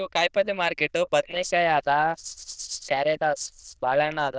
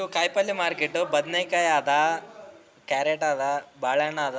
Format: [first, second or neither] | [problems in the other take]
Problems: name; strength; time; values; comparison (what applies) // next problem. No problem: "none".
second | noise reduction (neural diffusion model UNIVERSE++)